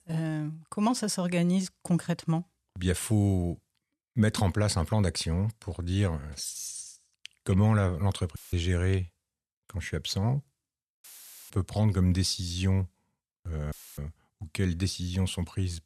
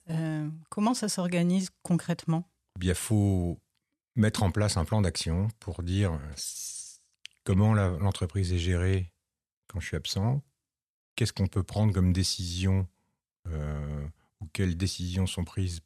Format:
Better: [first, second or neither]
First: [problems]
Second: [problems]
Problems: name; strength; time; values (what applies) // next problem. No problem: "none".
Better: second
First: audio cutting out; filled with static; at 8.5 s, at 11 s and at 14 s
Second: none